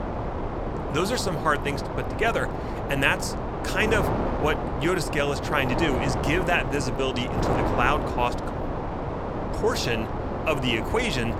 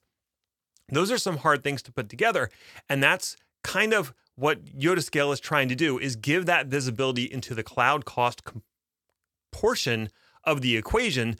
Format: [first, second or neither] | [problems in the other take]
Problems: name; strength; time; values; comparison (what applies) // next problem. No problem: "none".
second | wind noise on the microphone; heavy; 4 dB below the speech